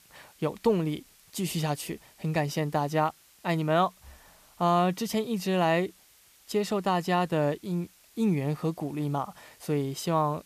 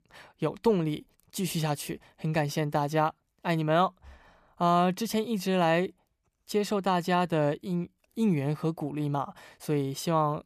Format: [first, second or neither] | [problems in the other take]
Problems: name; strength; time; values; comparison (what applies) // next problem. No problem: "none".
second | hiss; faint; throughout; 25 dB below the speech